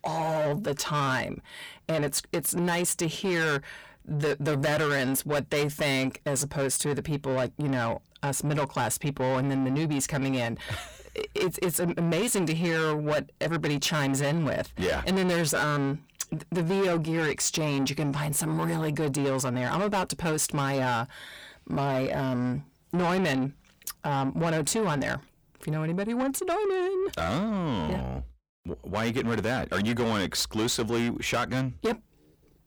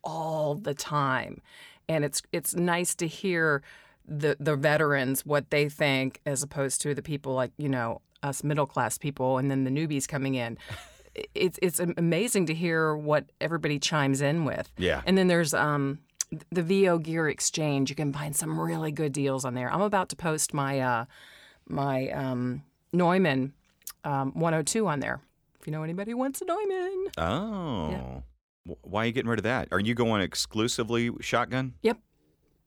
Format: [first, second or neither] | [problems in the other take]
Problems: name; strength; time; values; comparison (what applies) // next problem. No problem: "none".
second | distortion; heavy; 7 dB below the speech